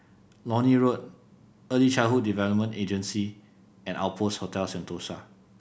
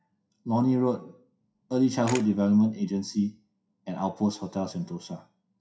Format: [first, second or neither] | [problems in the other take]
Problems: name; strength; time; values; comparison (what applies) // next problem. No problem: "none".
first | noise reduction (classical method WPE with log-MMSE)